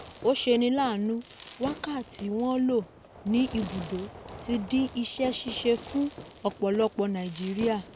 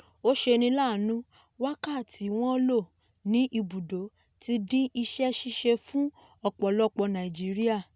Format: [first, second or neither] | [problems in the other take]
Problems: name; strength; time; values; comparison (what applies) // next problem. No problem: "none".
second | background sound (Fireworks); 15 dB below the speech